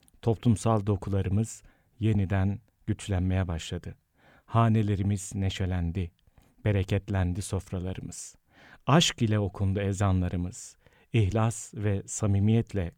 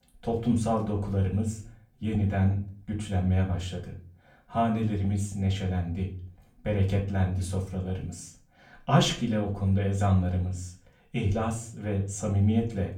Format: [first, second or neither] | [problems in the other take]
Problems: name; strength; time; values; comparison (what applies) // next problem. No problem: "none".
first | off-mic speech; far // room echo; slight; dies away in 0.3 s